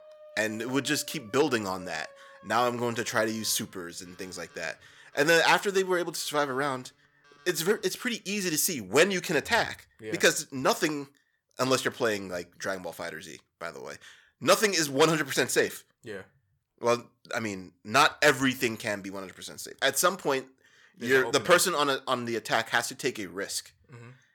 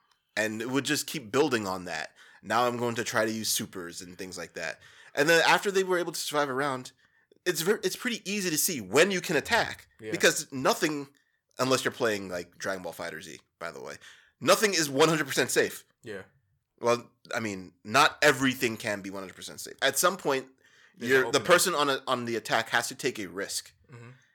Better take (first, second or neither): second